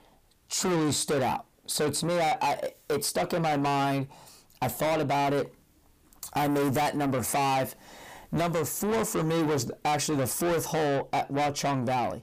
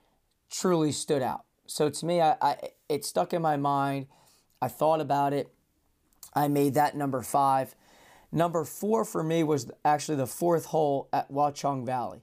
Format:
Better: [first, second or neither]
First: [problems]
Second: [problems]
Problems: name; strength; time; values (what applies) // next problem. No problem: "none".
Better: second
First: distortion; heavy; 6 dB below the speech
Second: none